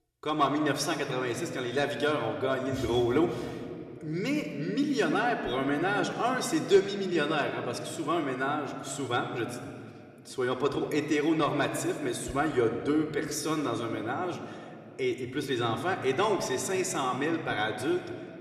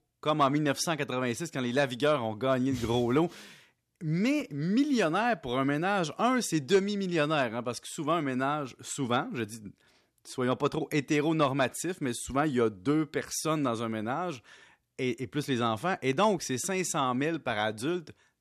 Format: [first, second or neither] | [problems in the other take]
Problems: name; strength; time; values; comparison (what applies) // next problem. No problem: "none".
second | room echo; slight; dies away in 2 s